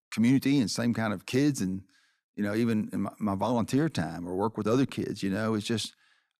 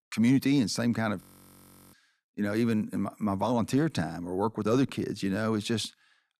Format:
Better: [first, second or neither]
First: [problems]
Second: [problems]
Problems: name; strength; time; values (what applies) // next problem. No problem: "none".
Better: first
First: none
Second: audio freezing; at 1 s for 0.5 s